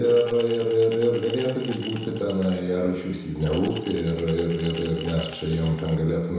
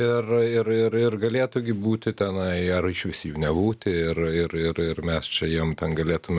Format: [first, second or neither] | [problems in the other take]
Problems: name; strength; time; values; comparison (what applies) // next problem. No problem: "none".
second | background sound (Glass); 17 dB below the speech // room echo; dies away in 1 s